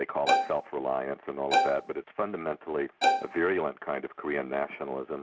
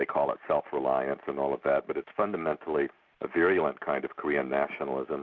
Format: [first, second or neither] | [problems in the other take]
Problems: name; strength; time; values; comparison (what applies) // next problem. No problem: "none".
second | background sound (Bowed string instrument); 5 dB above the speech